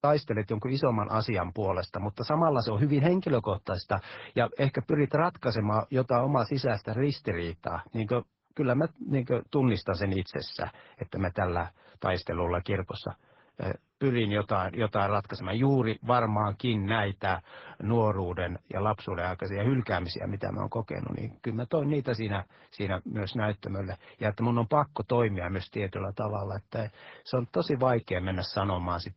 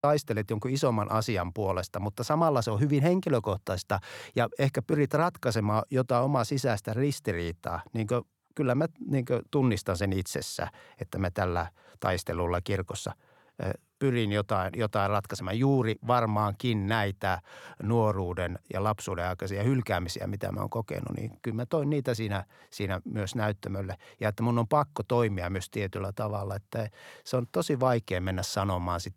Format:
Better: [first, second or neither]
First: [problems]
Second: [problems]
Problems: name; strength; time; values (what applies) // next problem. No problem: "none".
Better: second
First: garbled, watery; badly; nothing above 5.5 kHz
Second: none